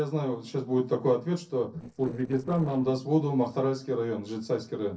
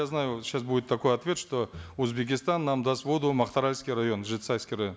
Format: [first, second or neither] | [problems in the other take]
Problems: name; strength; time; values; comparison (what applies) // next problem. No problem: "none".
second | noise reduction (neural separator model SepFormer DNS4)